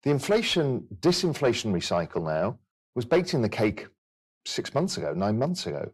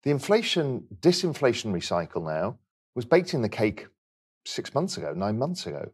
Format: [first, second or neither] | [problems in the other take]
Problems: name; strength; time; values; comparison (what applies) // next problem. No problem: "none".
second | distortion; slight; 10 dB below the speech